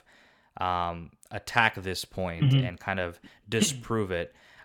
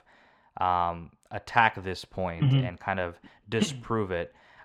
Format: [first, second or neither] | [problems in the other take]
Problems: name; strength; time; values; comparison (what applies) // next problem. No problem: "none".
first | muffled; slightly; fading above 3 kHz